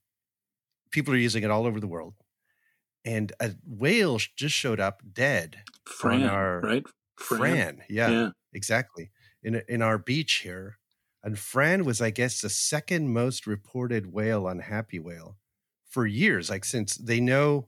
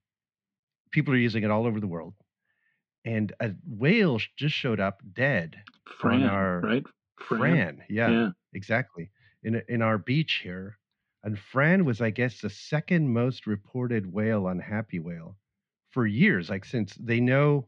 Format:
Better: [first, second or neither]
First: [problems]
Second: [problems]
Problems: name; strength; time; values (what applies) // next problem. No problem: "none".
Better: first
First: none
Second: muffled; slightly; fading above 3.5 kHz